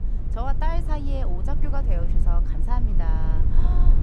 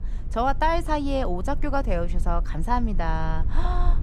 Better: second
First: low rumble; loud; throughout; 7 dB below the speech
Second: low rumble; faint; throughout; 20 dB below the speech

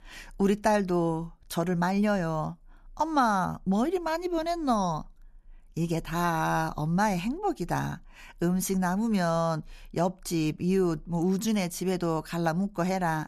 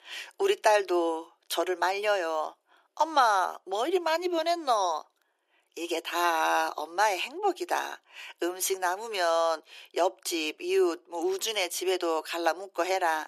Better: first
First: none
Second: thin; very; fading below 350 Hz

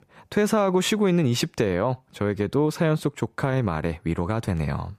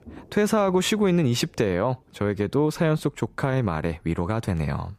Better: first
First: none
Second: rain or running water; faint; throughout; 30 dB below the speech

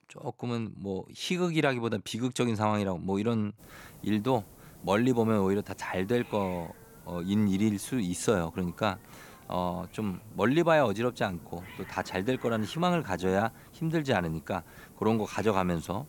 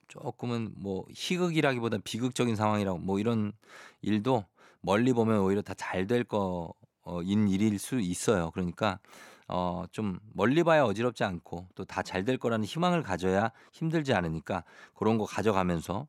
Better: second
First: hiss; faint; from 3.5 s on; 20 dB below the speech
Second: none

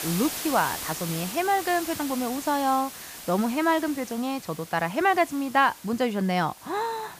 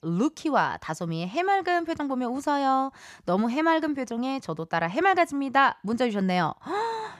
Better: second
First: hiss; loud; throughout; 10 dB below the speech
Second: none

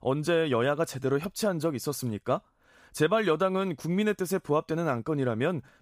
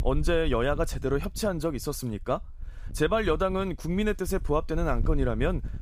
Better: first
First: none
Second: wind noise on the microphone; occasional gusts; 25 dB below the speech

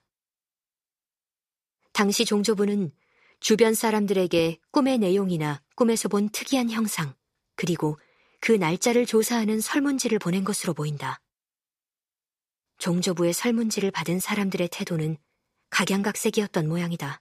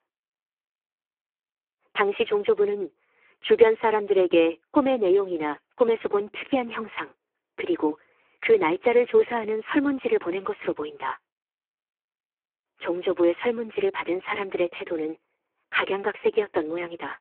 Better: first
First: none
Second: phone-call audio; poor line

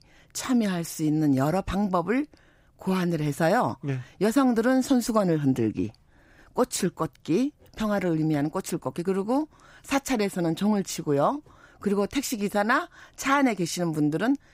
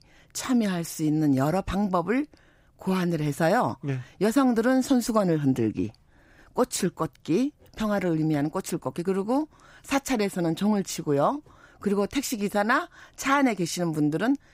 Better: neither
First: none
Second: none

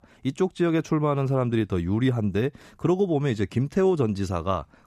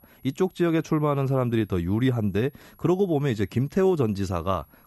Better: first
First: none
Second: high-pitched whine; faint; throughout; 11.5 kHz, 35 dB below the speech

